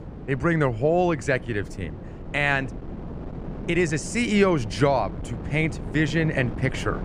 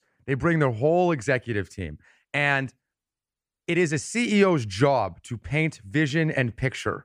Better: second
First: wind noise on the microphone; occasional gusts; 15 dB below the speech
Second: none

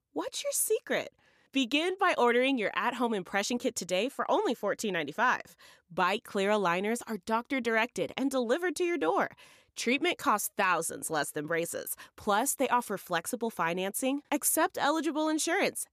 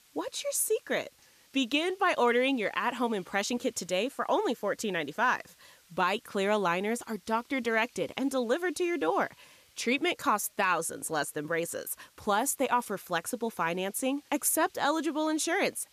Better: first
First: none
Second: hiss; faint; throughout; 30 dB below the speech

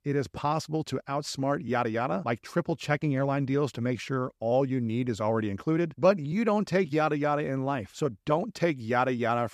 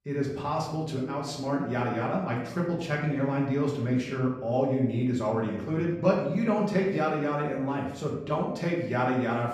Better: first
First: none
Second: room echo; noticeable; dies away in 0.9 s // off-mic speech; far

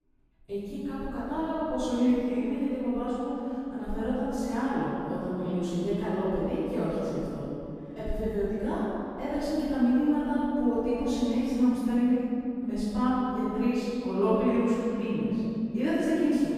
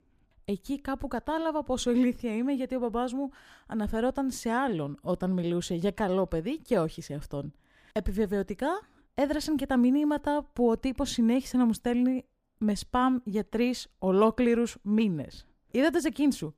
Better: second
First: room echo; strong; dies away in 2.9 s // off-mic speech; far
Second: none

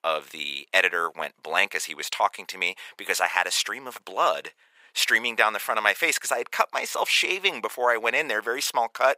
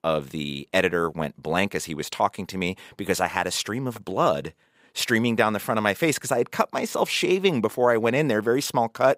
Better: second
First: thin; very; fading below 750 Hz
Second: none

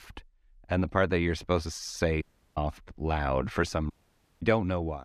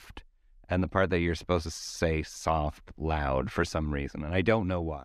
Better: second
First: audio cutting out; at 2 s and at 4 s for 0.5 s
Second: none

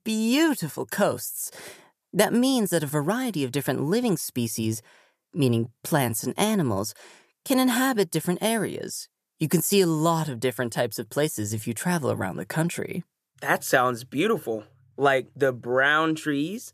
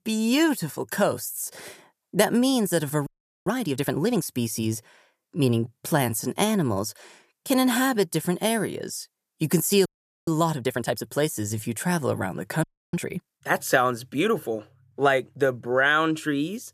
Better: first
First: none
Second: audio freezing; at 3 s, at 10 s and at 13 s

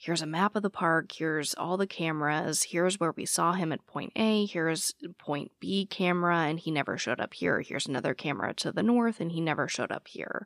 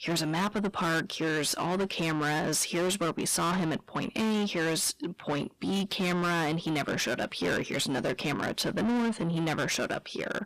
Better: first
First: none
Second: distortion; heavy; 5 dB below the speech

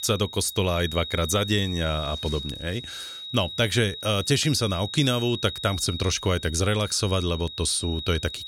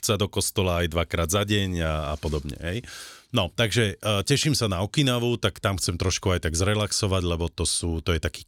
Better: second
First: high-pitched whine; loud; throughout; 4 kHz, 9 dB below the speech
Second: none

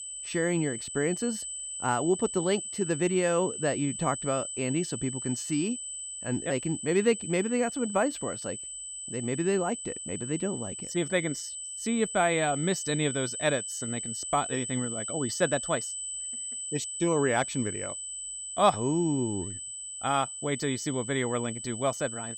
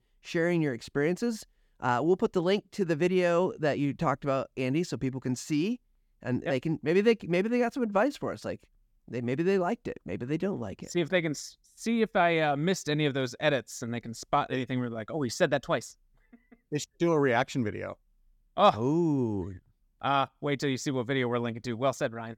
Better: second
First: high-pitched whine; loud; throughout; 8 kHz, 5 dB below the speech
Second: none

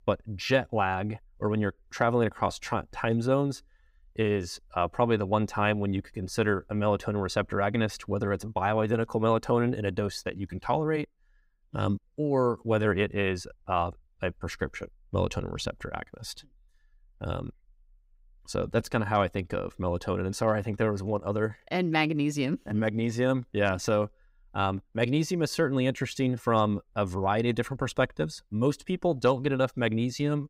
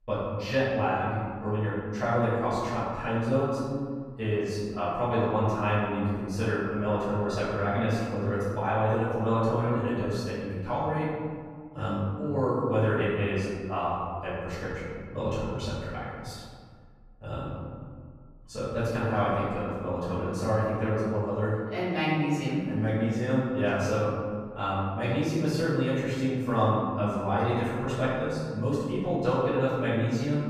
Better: first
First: none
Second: room echo; strong; dies away in 1.8 s // off-mic speech; far

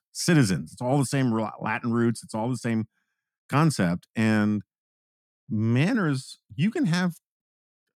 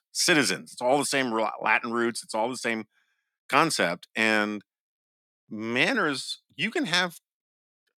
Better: first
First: none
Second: thin; somewhat; fading below 500 Hz

